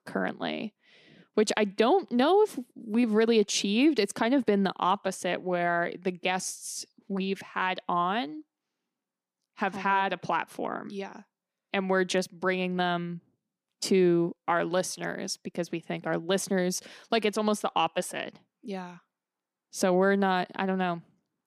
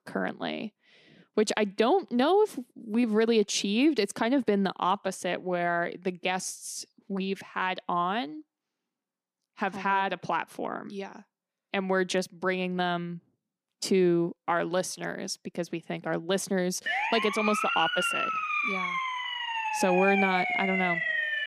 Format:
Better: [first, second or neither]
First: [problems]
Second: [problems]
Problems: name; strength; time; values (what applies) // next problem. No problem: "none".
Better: first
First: none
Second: siren; loud; from 17 s on; peak 2 dB above the speech